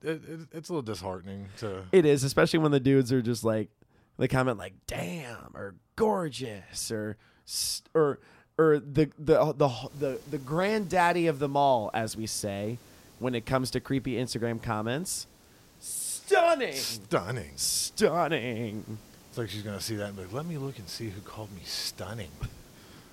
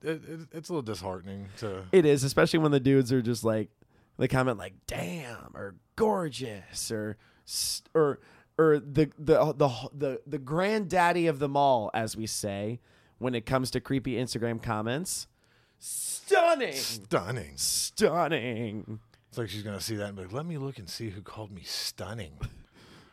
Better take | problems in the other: second | hiss; faint; from 10 s on; 25 dB below the speech

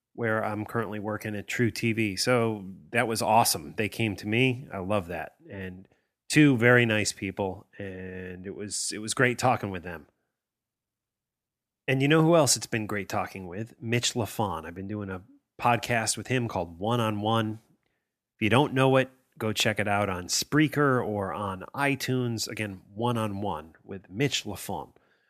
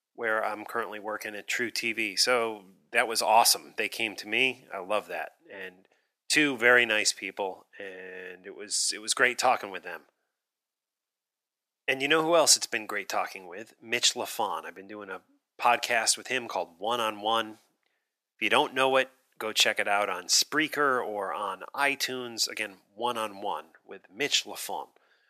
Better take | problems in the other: first | thin; somewhat; fading below 500 Hz

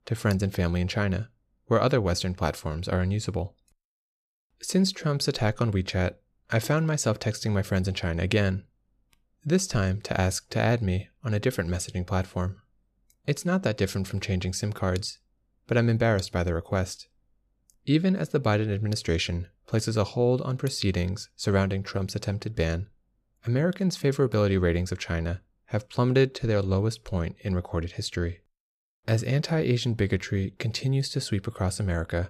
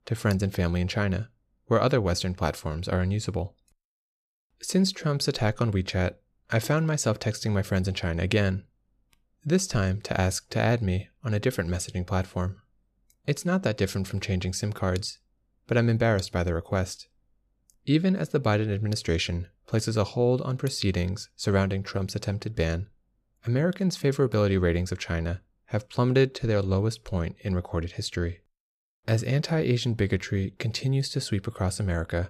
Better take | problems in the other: neither | none

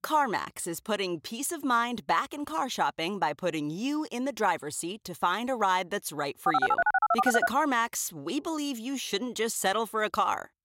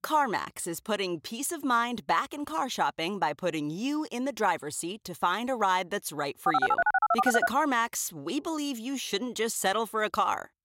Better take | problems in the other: neither | phone ringing; loud; from 6.5 to 7.5 s; peak 5 dB above the speech; the same in both

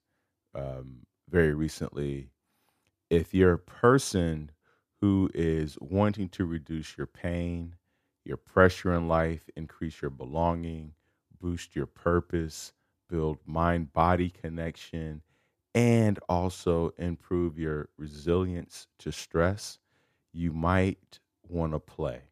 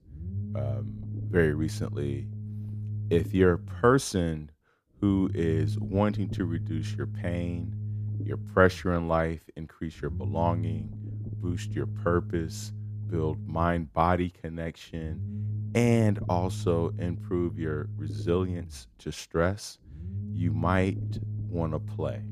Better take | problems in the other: first | low rumble; noticeable; throughout; 20 dB below the speech

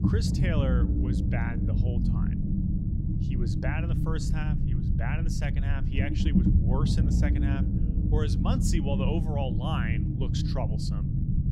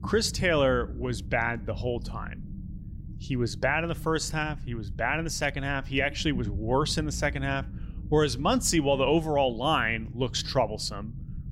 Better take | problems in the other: second | low rumble; loud; throughout; 1 dB below the speech; faint in the second

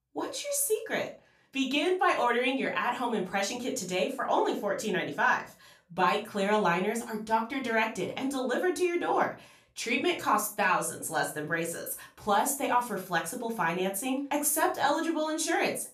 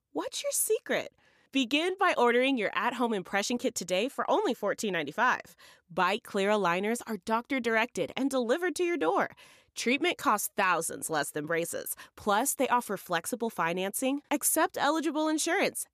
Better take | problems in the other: second | off-mic speech; far // room echo; very slight; dies away in 0.3 s

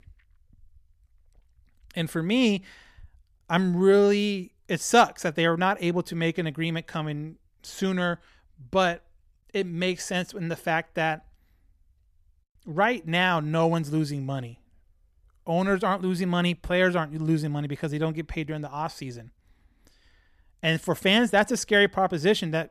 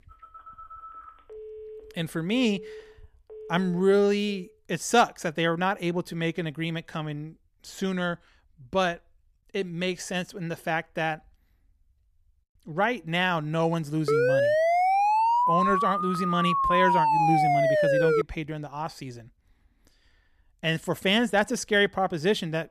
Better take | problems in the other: first | phone ringing; faint; until 4.5 s; peak 15 dB below the speech // siren; loud; from 14 to 18 s; peak 5 dB above the speech

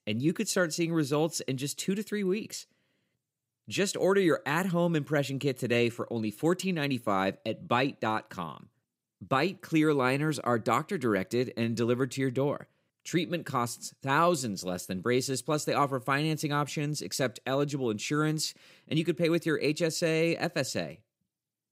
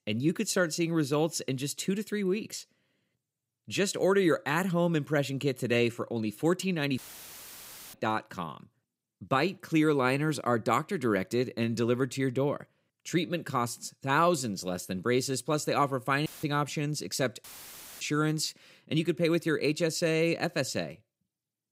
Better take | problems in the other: first | audio cutting out; filled with static; at 7 s for 1 s, at 16 s and at 17 s for 0.5 s

